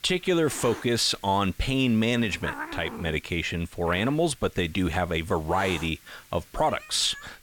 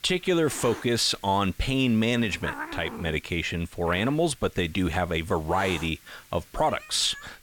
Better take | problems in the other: neither | hiss; noticeable; throughout; 15 dB below the speech; the same in both

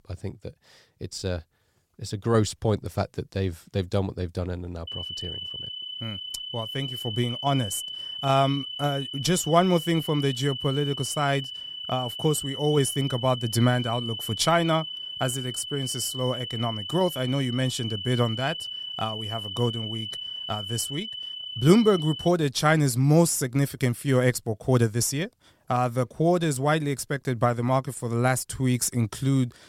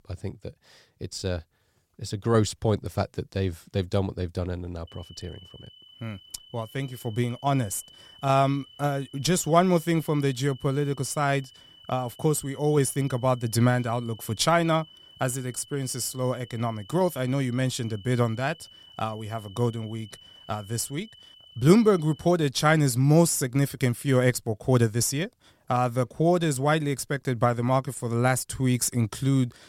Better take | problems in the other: second | high-pitched whine; loud; from 5 to 22 s; 3 kHz, 7 dB below the speech; faint in the second

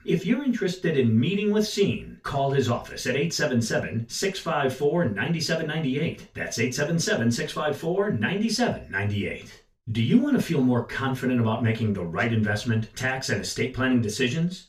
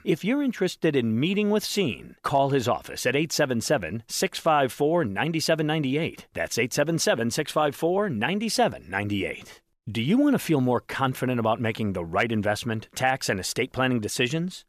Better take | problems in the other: second | room echo; very slight; dies away in 0.2 s // off-mic speech; far

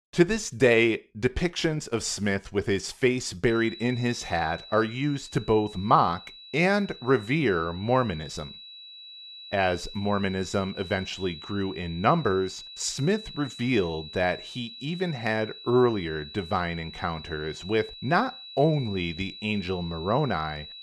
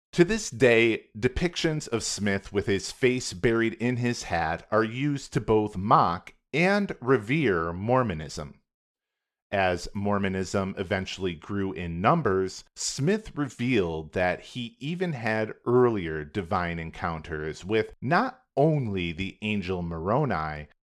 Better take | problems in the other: second | high-pitched whine; noticeable; from 3.5 s on; 4 kHz, 15 dB below the speech

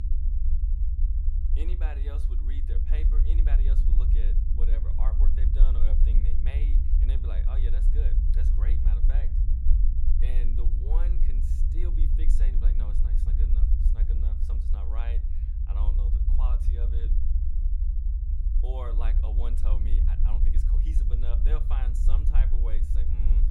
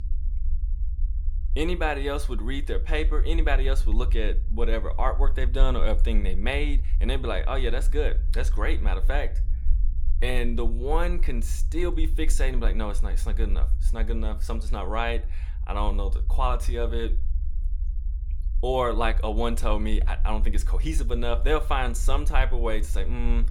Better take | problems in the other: second | low rumble; loud; throughout; 1 dB below the speech; faint in the second

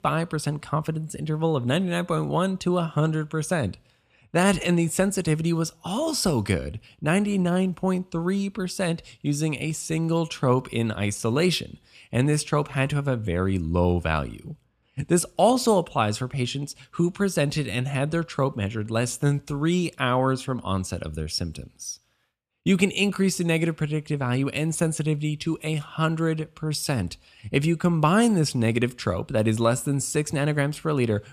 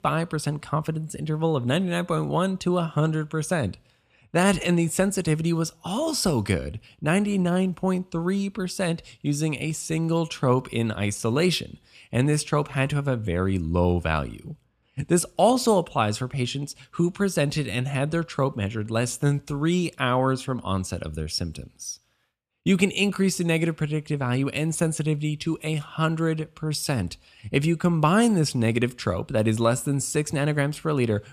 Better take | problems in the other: neither | none

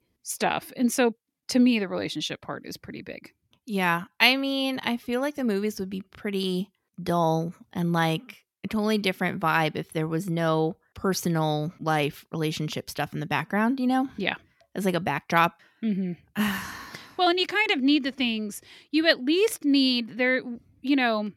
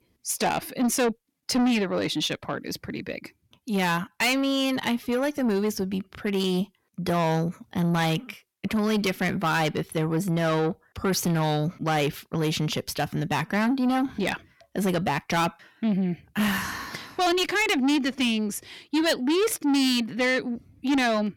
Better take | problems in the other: first | distortion; heavy; 8 dB below the speech

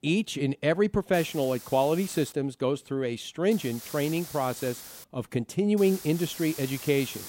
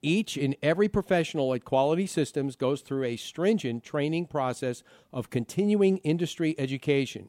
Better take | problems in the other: second | hiss; noticeable; from 1 to 2.5 s, from 3.5 to 5 s and from 6 s on; 15 dB below the speech

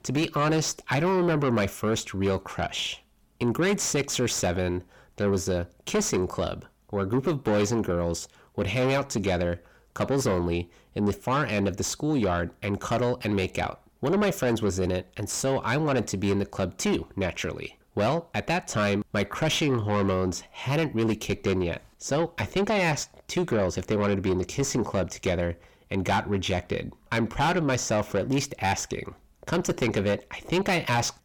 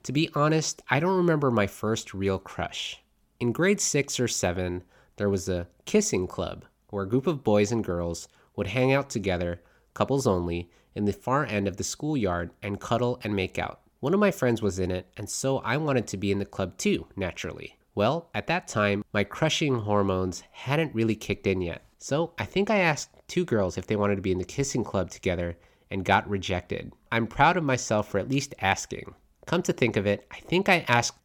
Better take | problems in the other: second | distortion; heavy; 7 dB below the speech

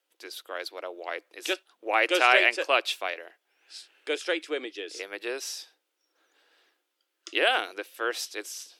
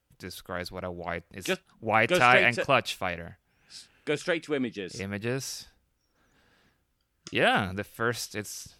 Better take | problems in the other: second | thin; very; fading below 300 Hz

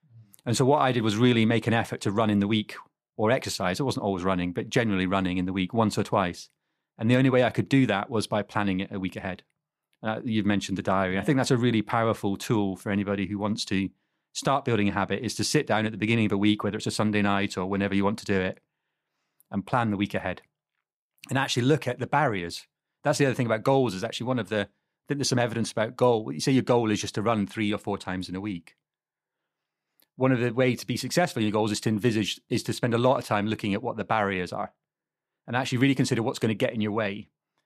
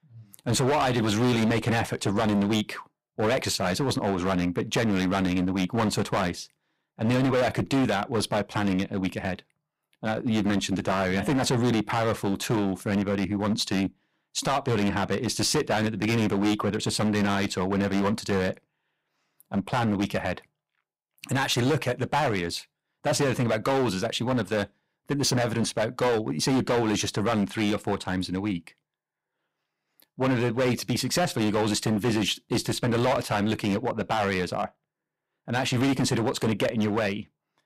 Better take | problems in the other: first | distortion; heavy; 14% of the sound clipped

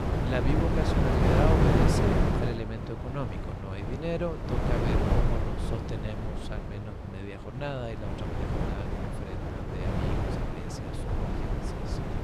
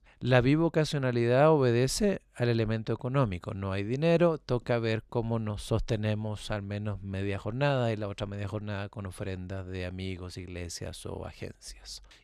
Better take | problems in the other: second | wind noise on the microphone; heavy; 3 dB above the speech

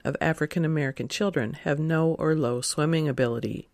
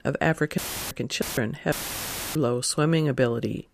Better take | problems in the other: first | audio cutting out; filled with static; at 0.5 s, at 1 s and at 1.5 s for 0.5 s

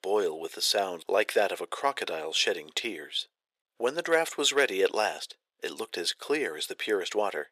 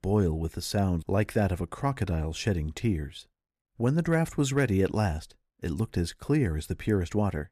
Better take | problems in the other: second | thin; very; fading below 450 Hz

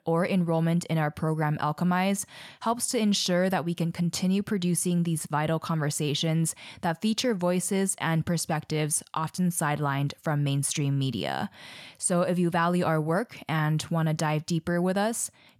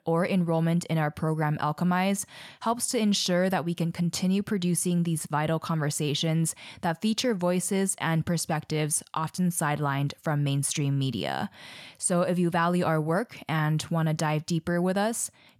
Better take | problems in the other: neither | none

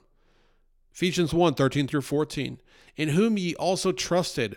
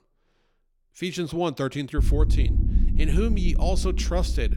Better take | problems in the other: first | low rumble; noticeable; from 2 s on; 10 dB below the speech

